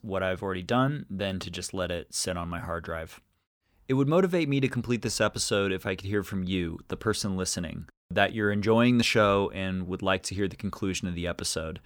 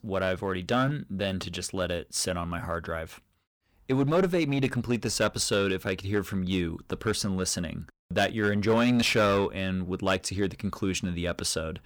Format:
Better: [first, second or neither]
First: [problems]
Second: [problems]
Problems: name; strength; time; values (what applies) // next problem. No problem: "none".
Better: first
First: none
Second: distortion; slight; 4% of the sound clipped